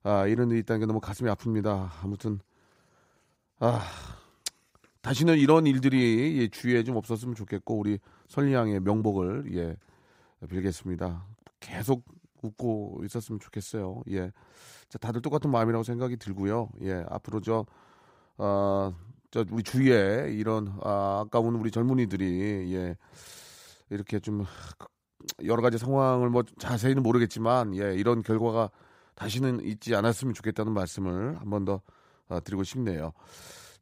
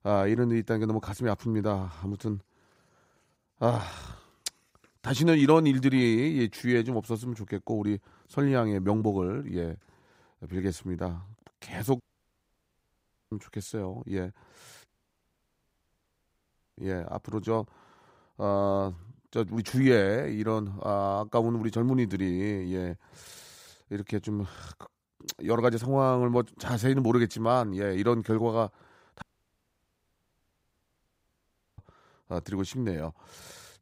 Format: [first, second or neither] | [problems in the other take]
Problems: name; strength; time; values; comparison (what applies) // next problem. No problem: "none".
first | audio cutting out; at 12 s for 1.5 s, at 15 s for 2 s and at 29 s for 2.5 s